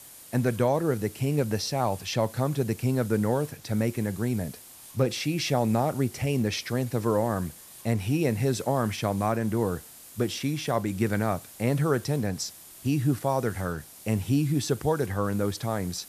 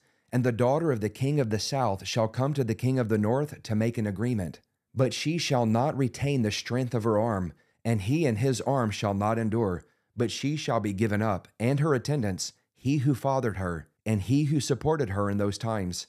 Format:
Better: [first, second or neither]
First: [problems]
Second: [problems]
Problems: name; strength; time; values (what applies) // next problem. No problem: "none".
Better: second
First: hiss; noticeable; throughout; 15 dB below the speech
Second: none